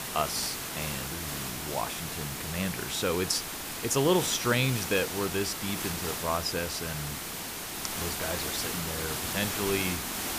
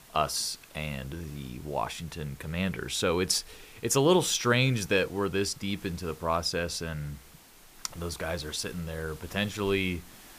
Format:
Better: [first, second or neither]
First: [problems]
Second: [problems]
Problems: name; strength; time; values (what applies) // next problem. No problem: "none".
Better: second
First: hiss; loud; throughout; 2 dB below the speech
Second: hiss; faint; throughout; 20 dB below the speech